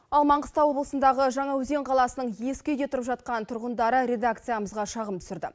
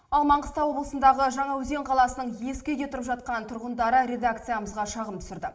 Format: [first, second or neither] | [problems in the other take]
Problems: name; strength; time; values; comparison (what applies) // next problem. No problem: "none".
first | room echo; dies away in 0.9 s